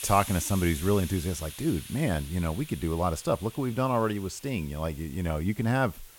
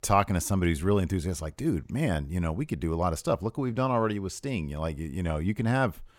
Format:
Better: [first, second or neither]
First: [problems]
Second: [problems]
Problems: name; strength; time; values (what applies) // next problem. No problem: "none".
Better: second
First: hiss; noticeable; throughout; 15 dB below the speech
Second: none